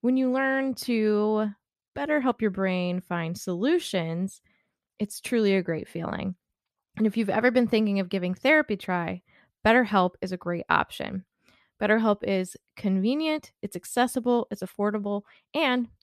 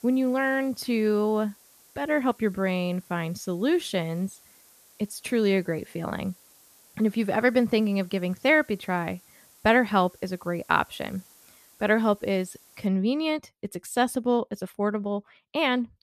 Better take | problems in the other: first | hiss; faint; until 13 s; 25 dB below the speech

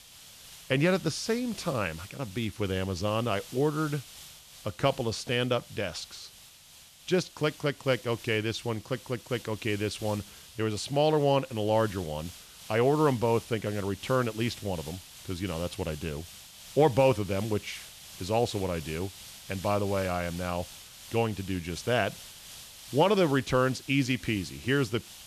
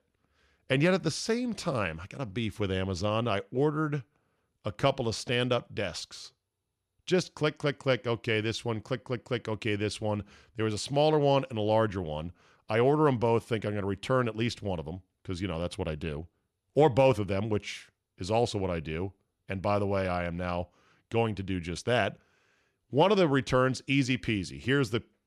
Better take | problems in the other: second | hiss; noticeable; throughout; 15 dB below the speech

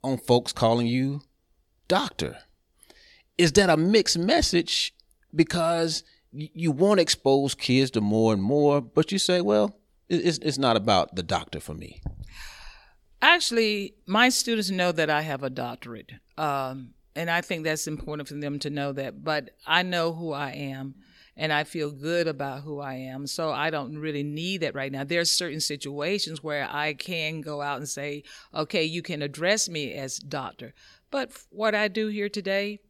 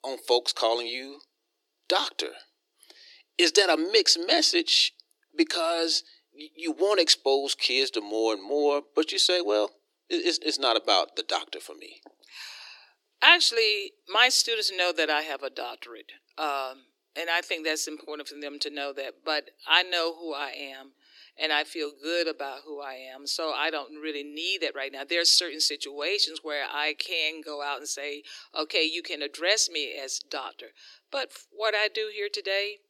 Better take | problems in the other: first | thin; very; fading below 300 Hz

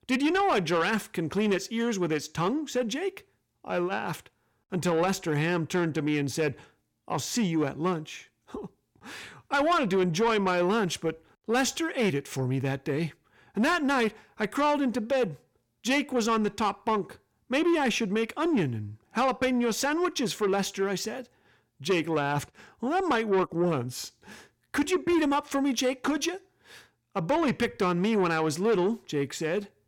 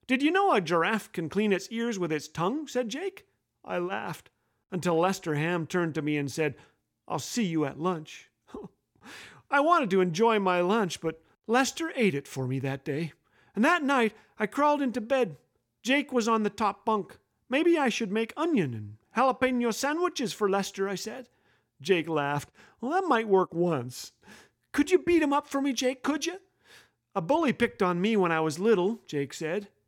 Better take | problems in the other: second | distortion; slight; 10 dB below the speech

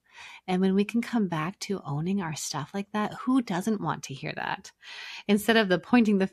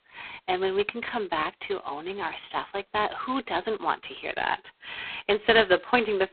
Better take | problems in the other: first | phone-call audio; poor line

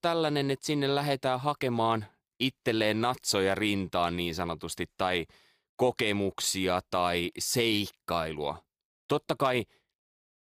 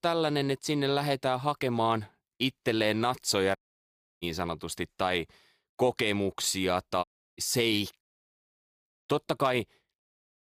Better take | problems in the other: first | audio cutting out; at 3.5 s for 0.5 s, at 7 s and at 8 s for 1 s

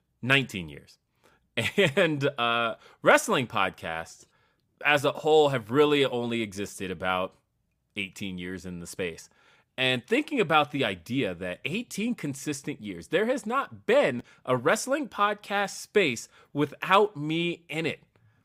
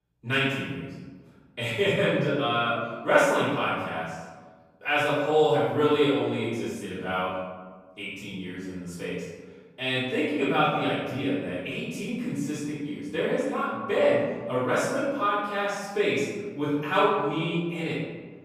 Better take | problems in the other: first | off-mic speech; far // room echo; strong; dies away in 1.3 s

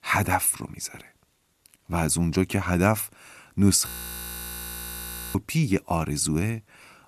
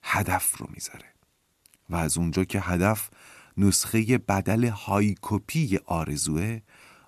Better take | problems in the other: second | audio freezing; at 4 s for 1.5 s

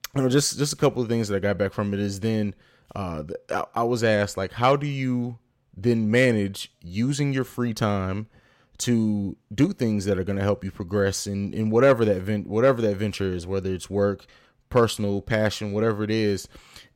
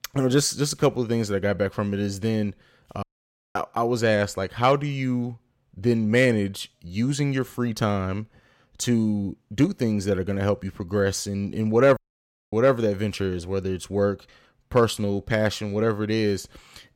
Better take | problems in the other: first | audio cutting out; at 3 s for 0.5 s and at 12 s for 0.5 s

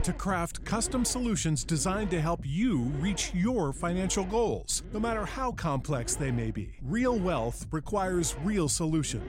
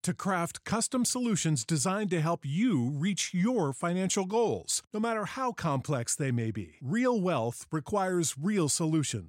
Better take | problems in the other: second | low rumble; noticeable; throughout; 15 dB below the speech

